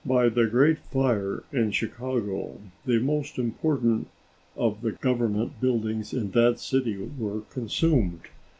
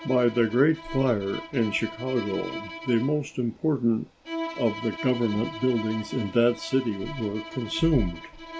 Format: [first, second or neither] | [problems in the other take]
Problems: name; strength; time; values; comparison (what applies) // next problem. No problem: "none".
first | background sound (Bowed string instrument); 12 dB below the speech